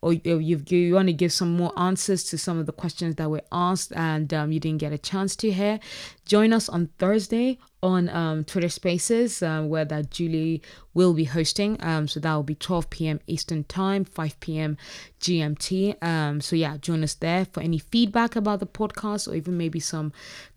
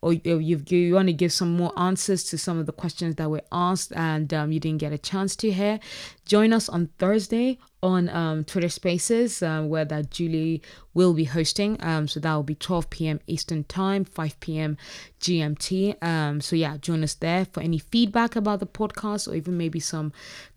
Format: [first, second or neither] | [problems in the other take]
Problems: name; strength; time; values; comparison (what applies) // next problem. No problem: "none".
neither | none